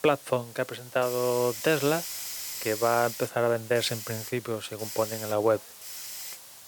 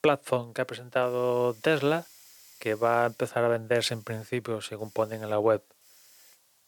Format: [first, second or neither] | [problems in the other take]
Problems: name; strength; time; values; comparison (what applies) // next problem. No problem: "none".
second | hiss; loud; throughout; 8 dB below the speech; faint in the second